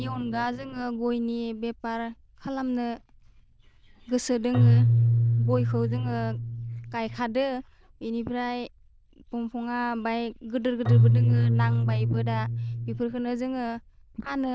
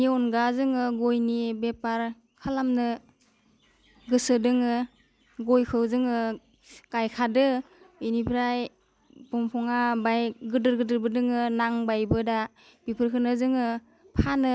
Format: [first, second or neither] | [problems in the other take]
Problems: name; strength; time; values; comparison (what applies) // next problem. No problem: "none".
second | noise reduction (neural diffusion model UNIVERSE++)